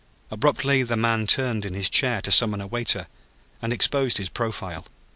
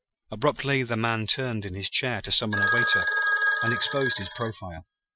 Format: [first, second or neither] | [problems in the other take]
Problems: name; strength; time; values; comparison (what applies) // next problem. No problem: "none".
first | noise reduction (classical method Wiener filter)